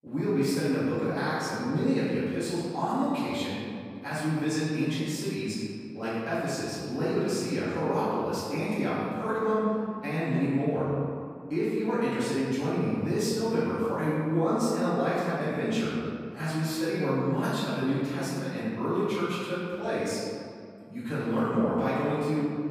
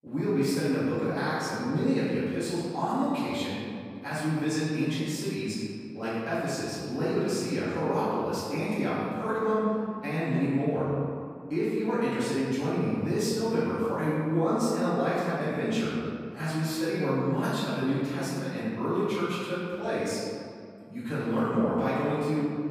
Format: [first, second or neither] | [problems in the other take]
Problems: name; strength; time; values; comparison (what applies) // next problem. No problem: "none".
neither | off-mic speech; far; the same in both // room echo; strong; dies away in 2 s; the same in both